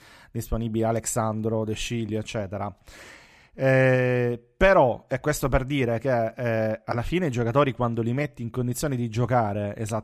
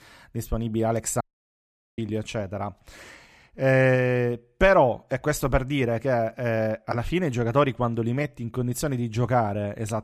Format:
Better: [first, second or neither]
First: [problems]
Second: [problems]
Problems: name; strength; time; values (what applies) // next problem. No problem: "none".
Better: first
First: none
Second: audio cutting out; at 1 s for 1 s